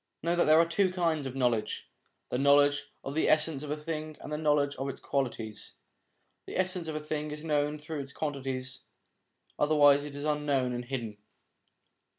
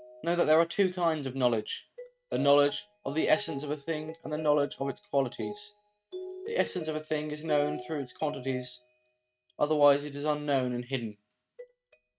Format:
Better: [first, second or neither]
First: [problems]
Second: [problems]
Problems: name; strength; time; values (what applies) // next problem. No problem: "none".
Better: first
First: none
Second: noise reduction (neural mask model RNNoise)